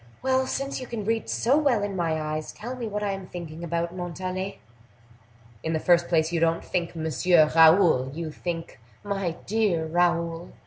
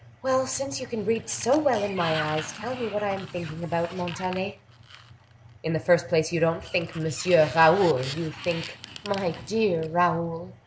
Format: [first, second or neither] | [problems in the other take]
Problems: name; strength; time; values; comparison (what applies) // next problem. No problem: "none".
first | background sound (Sliding door); 15 dB below the speech